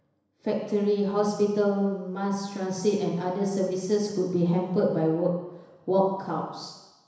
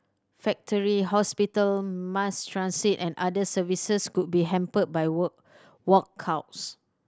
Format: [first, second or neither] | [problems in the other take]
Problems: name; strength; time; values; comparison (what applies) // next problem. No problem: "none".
second | room echo; dies away in 1 s